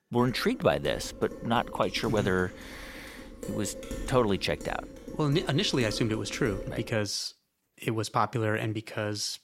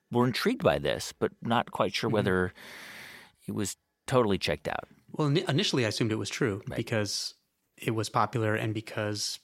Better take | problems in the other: second | clattering dishes; noticeable; until 7 s; peak 9 dB below the speech

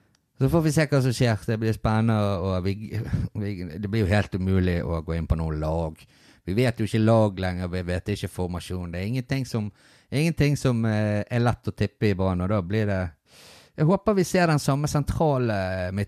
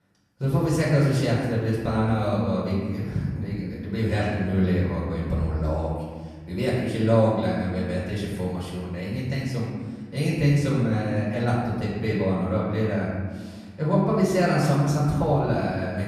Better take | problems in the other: first | off-mic speech; far // room echo; noticeable; dies away in 1.4 s

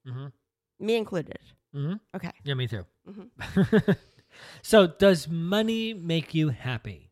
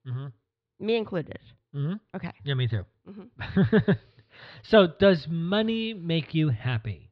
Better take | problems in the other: first | muffled; very slightly; fading above 4 kHz

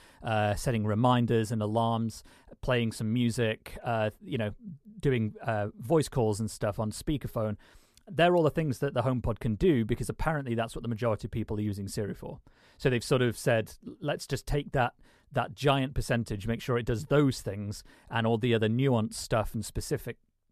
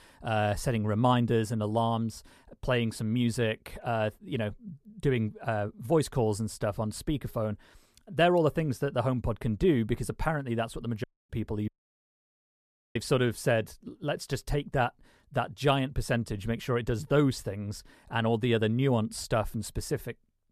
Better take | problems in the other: first | audio cutting out; at 11 s and at 12 s for 1.5 s

